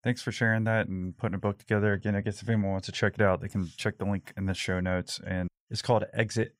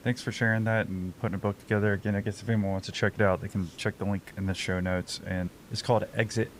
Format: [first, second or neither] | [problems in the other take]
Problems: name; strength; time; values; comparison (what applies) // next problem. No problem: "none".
first | hiss; faint; throughout; 20 dB below the speech